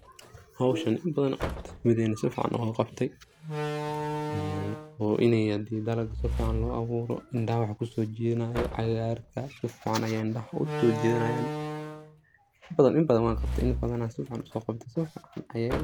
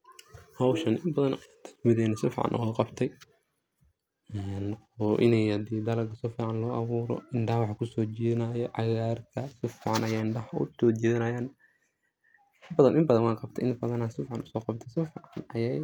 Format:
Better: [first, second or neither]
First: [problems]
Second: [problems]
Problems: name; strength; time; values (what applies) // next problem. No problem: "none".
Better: second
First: background sound (Slam); 8 dB below the speech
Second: none